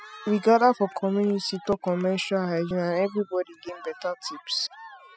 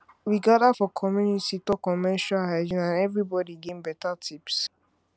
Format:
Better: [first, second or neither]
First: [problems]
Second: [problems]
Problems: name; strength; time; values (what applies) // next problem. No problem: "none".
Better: second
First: noise reduction (classical method spectral subtraction)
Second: none